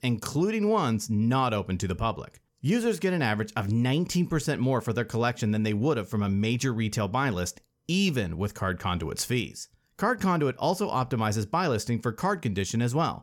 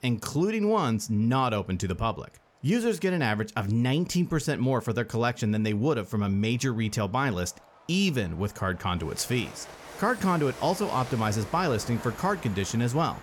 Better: first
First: none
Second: train or aircraft noise; noticeable; throughout; 15 dB below the speech

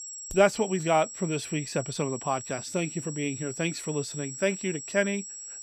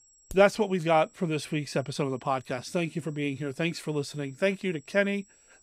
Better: second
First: high-pitched whine; loud; throughout; 7.5 kHz, 9 dB below the speech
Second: high-pitched whine; faint; throughout; 7.5 kHz, 30 dB below the speech

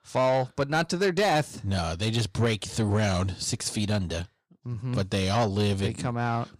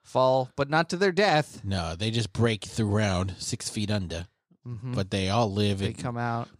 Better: second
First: distortion; slight; 10 dB below the speech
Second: none

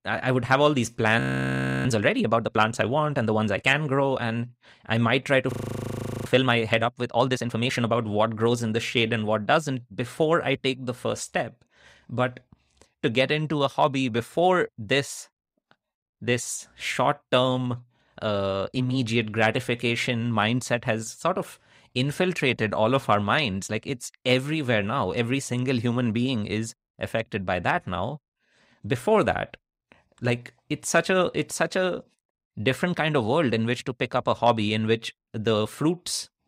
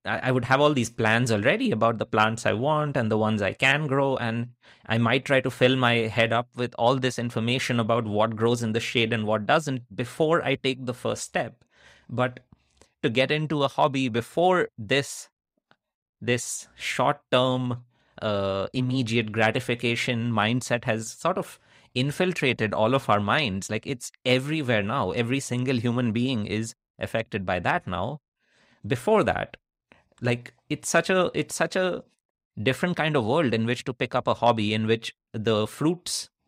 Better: second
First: audio freezing; at 1 s for 0.5 s and at 5.5 s for 0.5 s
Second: none

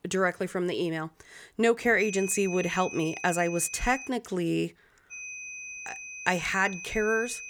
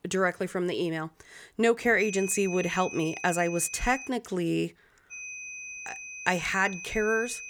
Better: neither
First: high-pitched whine; noticeable; from 2 to 4 s and from 5 s on; 2.5 kHz, 10 dB below the speech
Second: high-pitched whine; noticeable; from 2 to 4 s and from 5 s on; 2.5 kHz, 10 dB below the speech

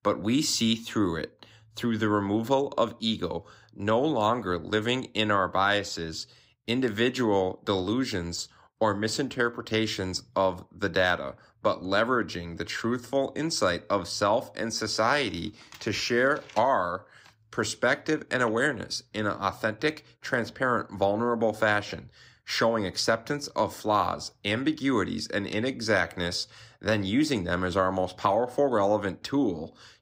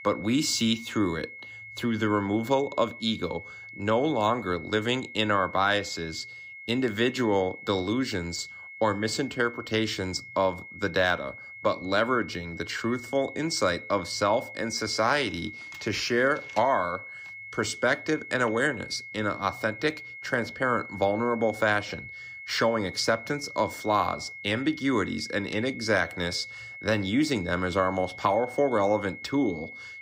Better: first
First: none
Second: high-pitched whine; noticeable; throughout; 2 kHz, 15 dB below the speech

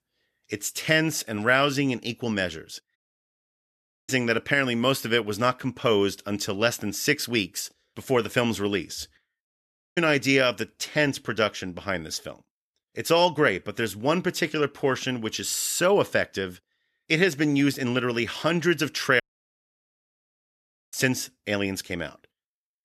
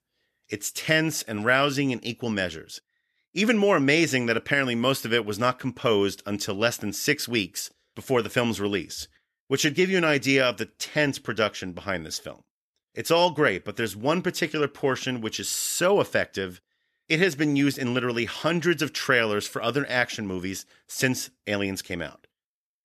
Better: second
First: audio cutting out; at 3 s for 1 s, at 9.5 s for 0.5 s and at 19 s for 1.5 s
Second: none

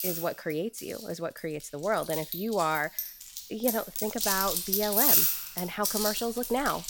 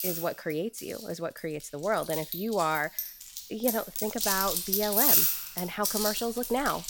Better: neither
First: household noises; very loud; throughout; 4 dB above the speech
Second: household noises; very loud; throughout; 4 dB above the speech

